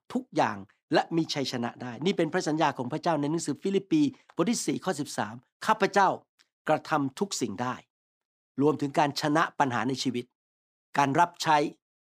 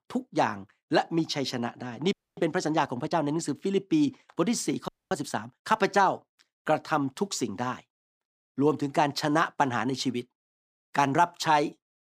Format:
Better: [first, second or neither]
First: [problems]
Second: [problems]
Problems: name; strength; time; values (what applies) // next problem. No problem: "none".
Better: first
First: none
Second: audio freezing; at 2 s and at 5 s